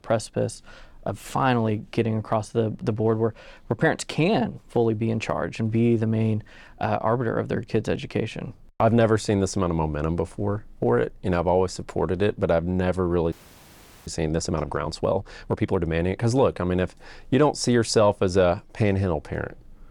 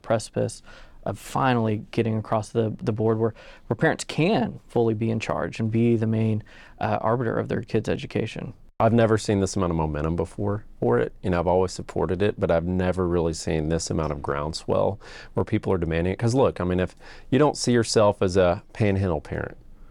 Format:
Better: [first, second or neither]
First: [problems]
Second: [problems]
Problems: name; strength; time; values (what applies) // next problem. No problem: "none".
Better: second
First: audio freezing; at 13 s for 1 s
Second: none